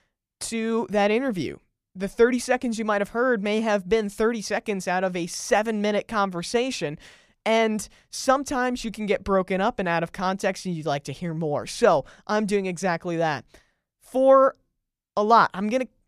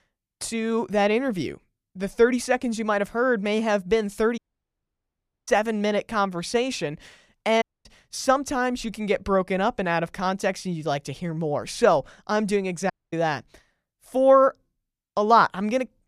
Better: first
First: none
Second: audio cutting out; at 4.5 s for 1 s, at 7.5 s and at 13 s

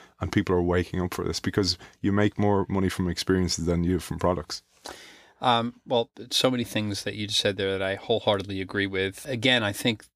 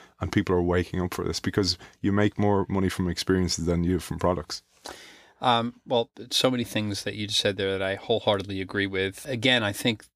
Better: neither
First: none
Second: none

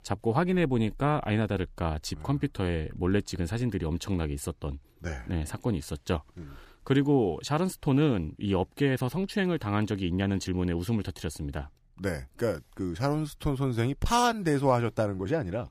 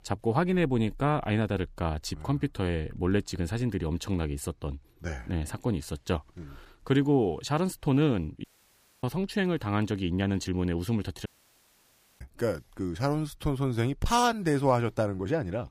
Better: first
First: none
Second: audio cutting out; at 8.5 s for 0.5 s and at 11 s for 1 s

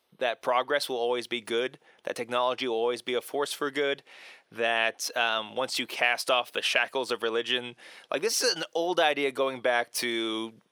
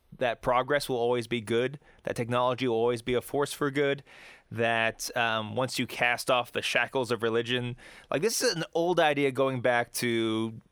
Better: second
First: thin; very slightly; fading below 350 Hz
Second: none

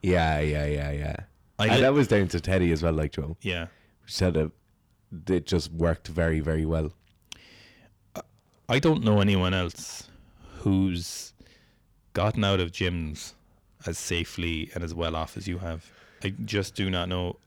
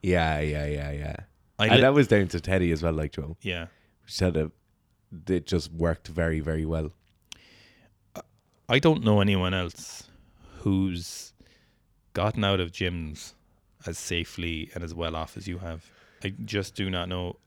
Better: second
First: distortion; slight; 10 dB below the speech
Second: none

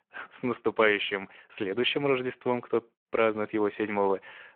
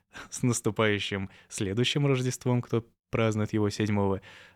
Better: second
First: phone-call audio; nothing above 3 kHz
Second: none

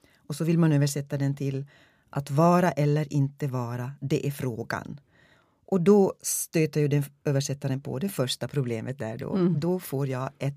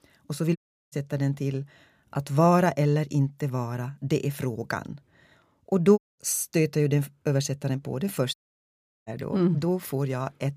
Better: first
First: none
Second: audio cutting out; at 0.5 s, at 6 s and at 8.5 s for 0.5 s

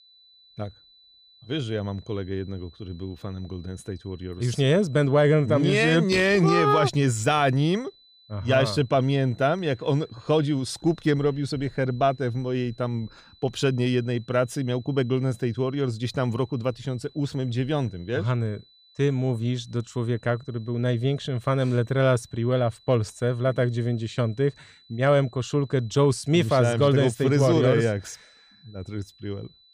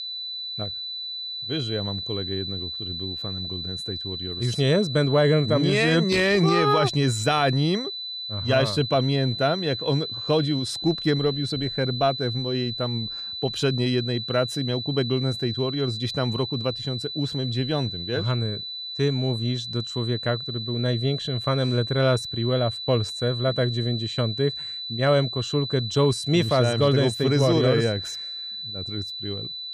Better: first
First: high-pitched whine; faint; throughout; 4 kHz, 30 dB below the speech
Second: high-pitched whine; loud; throughout; 4 kHz, 6 dB below the speech

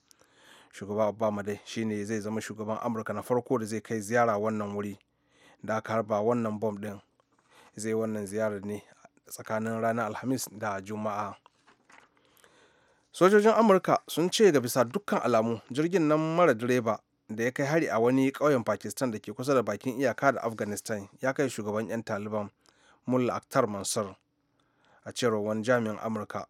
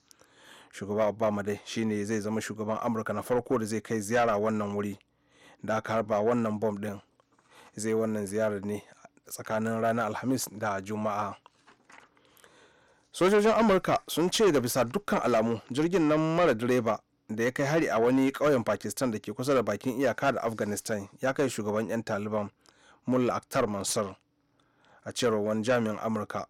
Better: first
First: none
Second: distortion; slight; 10 dB below the speech

